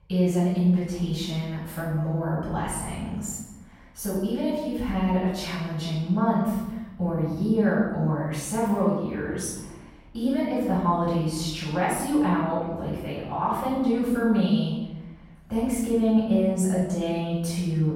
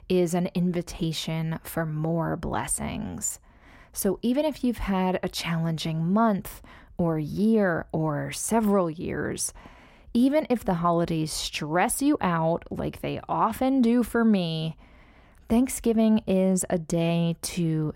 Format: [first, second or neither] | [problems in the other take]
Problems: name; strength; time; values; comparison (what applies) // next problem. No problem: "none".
second | room echo; strong; dies away in 0.9 s // off-mic speech; far